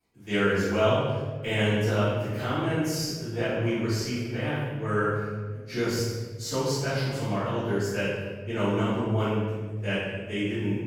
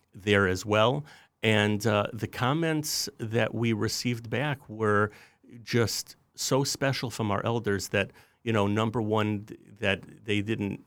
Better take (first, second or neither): second